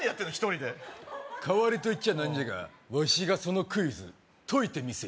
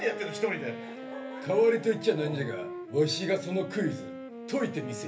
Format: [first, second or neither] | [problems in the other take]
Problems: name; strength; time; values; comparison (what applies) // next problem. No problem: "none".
first | background sound (Wind instrument, woodwind instrument); 11 dB below the speech // room echo; dies away in 0.3 s